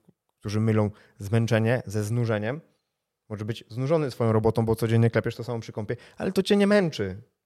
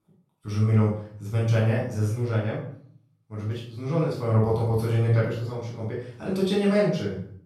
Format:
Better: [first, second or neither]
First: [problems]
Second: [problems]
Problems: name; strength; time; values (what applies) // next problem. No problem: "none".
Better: first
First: none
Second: off-mic speech; far // room echo; noticeable; dies away in 0.5 s